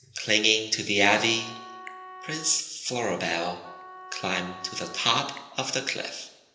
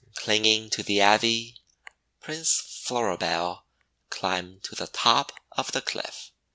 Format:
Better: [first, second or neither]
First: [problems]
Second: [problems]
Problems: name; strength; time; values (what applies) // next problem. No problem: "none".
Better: second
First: background sound (Wind instrument, woodwind instrument); 17 dB below the speech // room echo; dies away in 0.8 s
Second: none